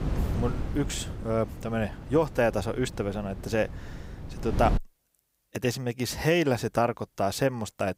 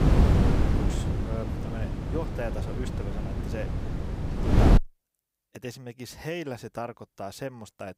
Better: first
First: wind noise on the microphone; occasional gusts; until 5 s; 15 dB below the speech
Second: wind noise on the microphone; heavy; until 5 s; 4 dB above the speech

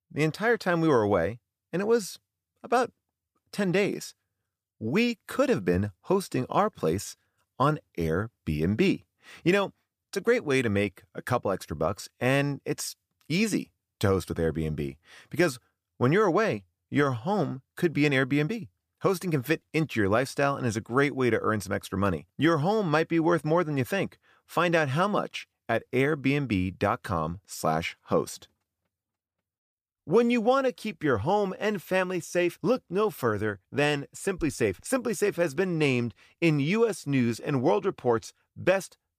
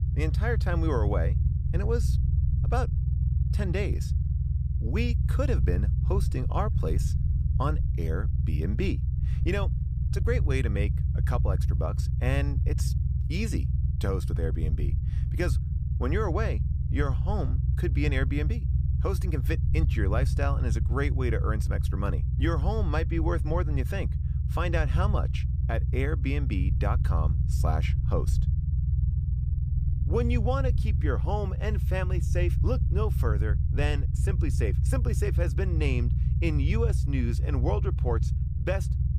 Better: first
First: none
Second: low rumble; loud; throughout; 8 dB below the speech

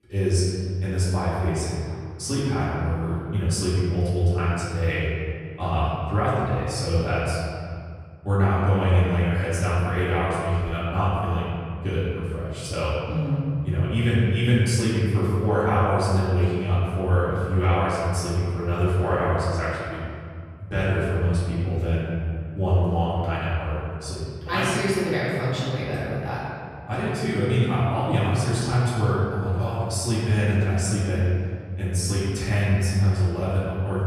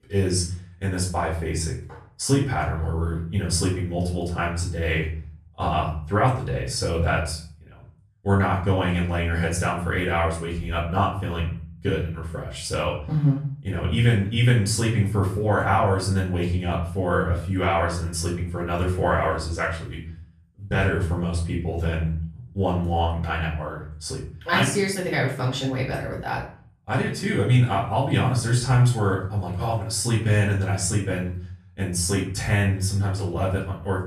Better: second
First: room echo; strong; dies away in 2.1 s // off-mic speech; far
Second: room echo; slight; dies away in 0.4 s // off-mic speech; far

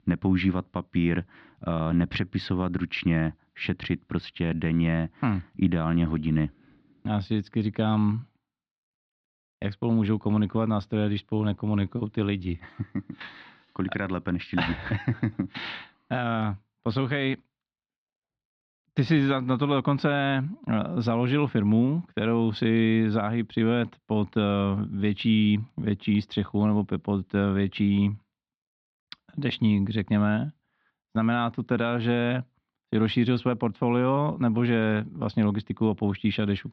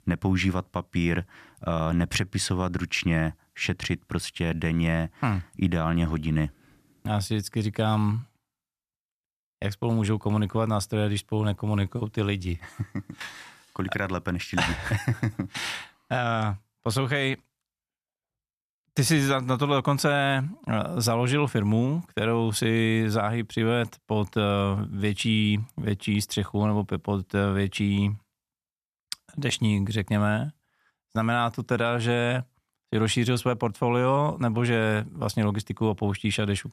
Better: second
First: muffled; slightly; fading above 4 kHz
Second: none

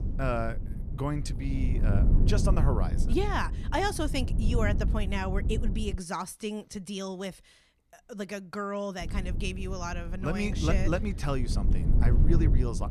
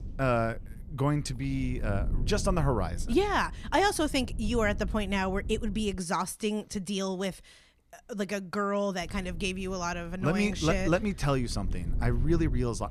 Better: second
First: low rumble; loud; until 6 s and from 9 s on; 9 dB below the speech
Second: low rumble; faint; until 6 s and from 9 s on; 20 dB below the speech

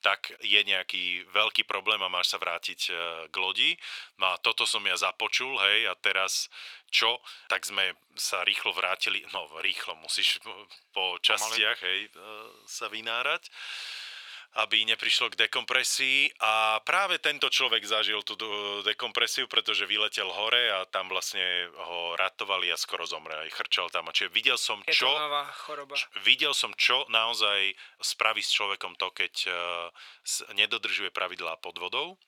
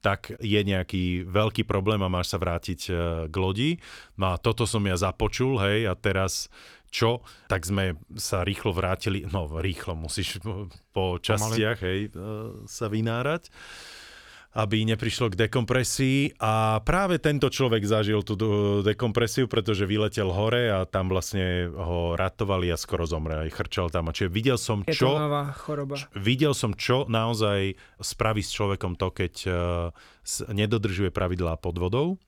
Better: second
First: thin; very; fading below 850 Hz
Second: none

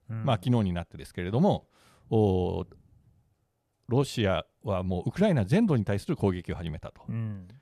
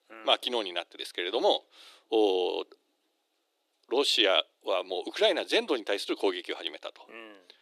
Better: first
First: none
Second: thin; very; fading below 300 Hz

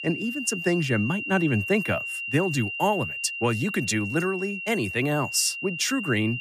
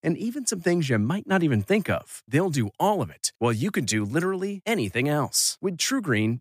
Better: second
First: high-pitched whine; loud; throughout; 3 kHz, 5 dB below the speech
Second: none

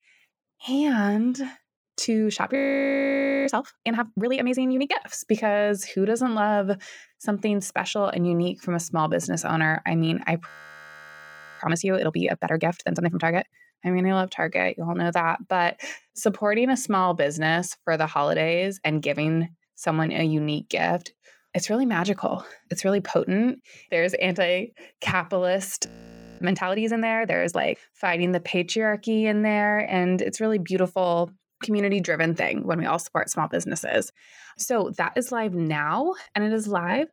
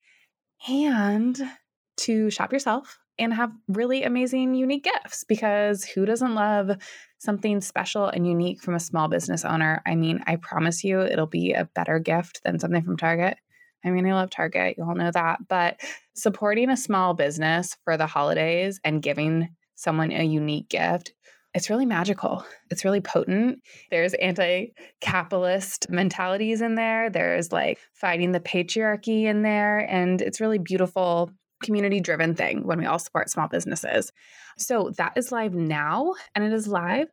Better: second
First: audio freezing; at 2.5 s for 1 s, at 10 s for 1 s and at 26 s for 0.5 s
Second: none

